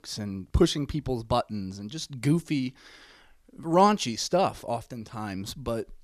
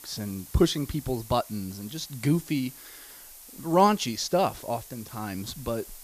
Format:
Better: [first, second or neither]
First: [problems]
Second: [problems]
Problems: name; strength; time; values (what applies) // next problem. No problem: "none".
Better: first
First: none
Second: hiss; noticeable; throughout; 15 dB below the speech